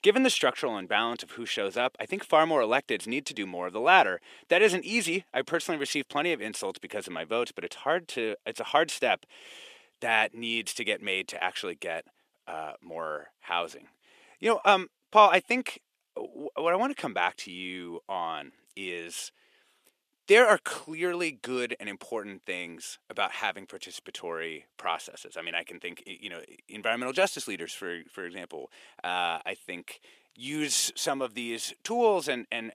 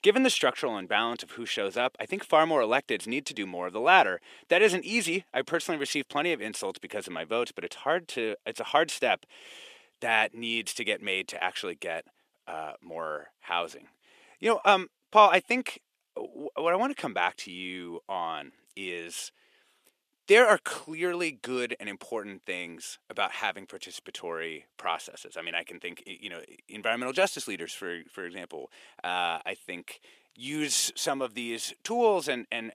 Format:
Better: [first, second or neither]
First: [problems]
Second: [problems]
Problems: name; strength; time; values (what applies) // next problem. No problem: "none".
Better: neither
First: thin; somewhat; fading below 450 Hz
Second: thin; somewhat; fading below 450 Hz